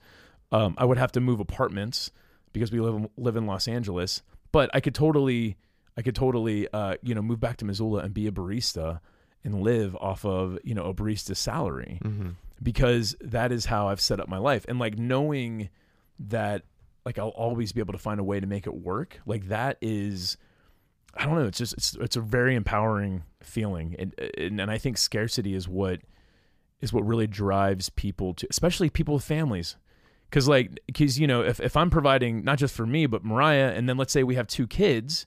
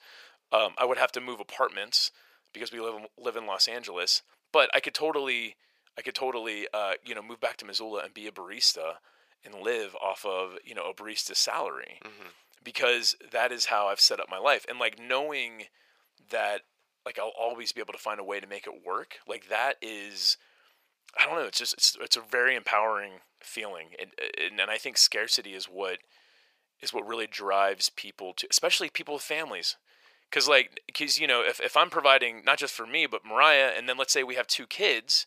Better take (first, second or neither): first